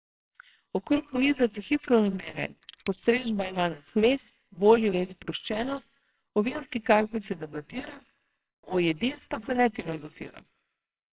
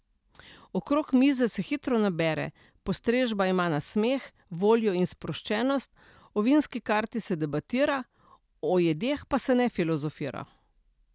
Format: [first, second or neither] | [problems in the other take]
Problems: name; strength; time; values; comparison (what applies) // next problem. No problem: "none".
second | noise reduction (neural separator model SepFormer WHAMR!)